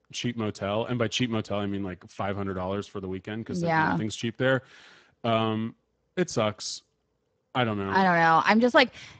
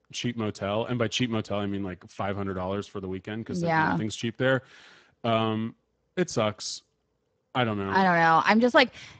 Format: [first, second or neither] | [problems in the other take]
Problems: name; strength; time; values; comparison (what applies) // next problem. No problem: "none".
neither | garbled, watery; badly; nothing above 7.5 kHz; the same in both